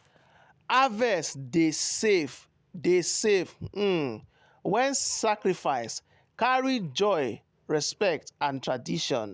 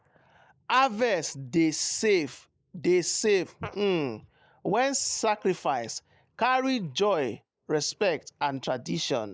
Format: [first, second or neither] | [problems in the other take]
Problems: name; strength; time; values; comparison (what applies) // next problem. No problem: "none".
first | noise reduction (neural mask model Resemble Enhance denoiser)